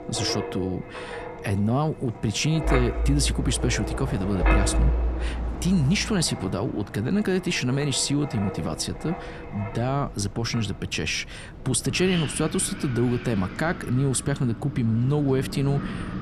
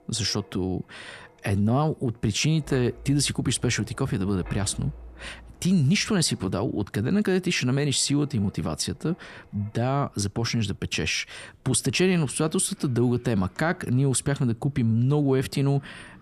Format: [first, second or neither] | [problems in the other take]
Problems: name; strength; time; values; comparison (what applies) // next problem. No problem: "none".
second | wind in the background; loud; throughout; 6 dB below the speech; faint in the second